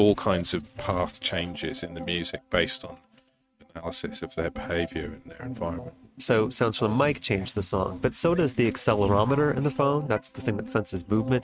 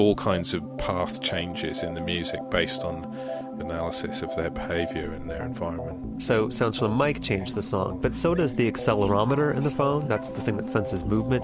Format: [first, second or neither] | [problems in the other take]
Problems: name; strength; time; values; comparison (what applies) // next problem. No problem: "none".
second | noise reduction (neural mask model RNNoise)